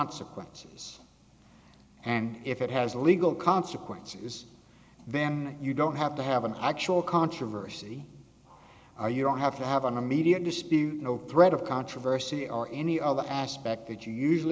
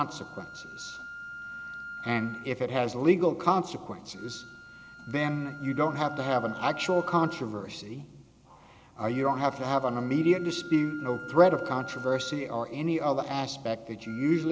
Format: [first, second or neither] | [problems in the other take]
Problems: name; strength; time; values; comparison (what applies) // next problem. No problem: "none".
first | background sound (Wind instrument, woodwind instrument); 15 dB below the speech